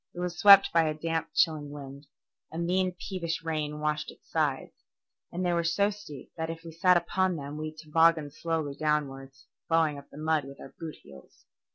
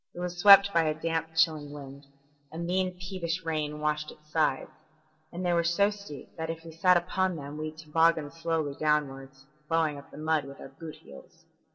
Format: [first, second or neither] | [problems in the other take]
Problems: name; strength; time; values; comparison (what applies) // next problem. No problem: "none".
first | room echo; dies away in 0.3 s